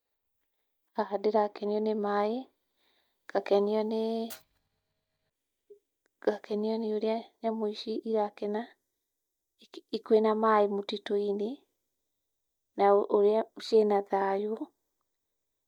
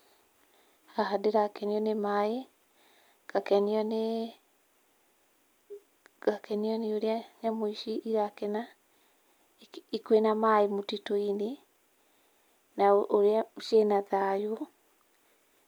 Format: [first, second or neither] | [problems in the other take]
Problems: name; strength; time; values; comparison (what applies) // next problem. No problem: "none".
second | noise reduction (neural mask model DeepFilterNet 3)